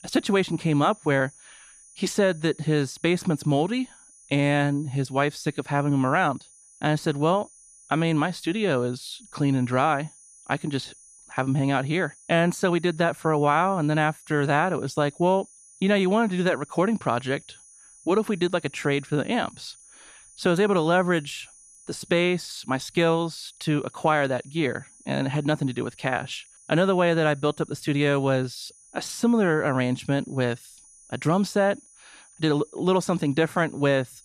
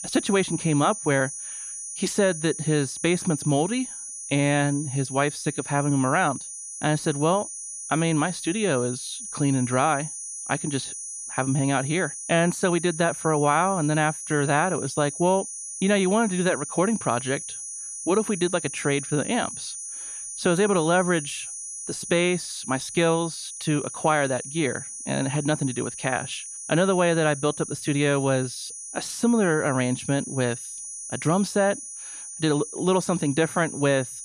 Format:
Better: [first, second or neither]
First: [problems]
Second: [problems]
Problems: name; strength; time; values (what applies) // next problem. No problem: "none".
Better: first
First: high-pitched whine; faint; throughout; 9.5 kHz, 25 dB below the speech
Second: high-pitched whine; loud; throughout; 9.5 kHz, 9 dB below the speech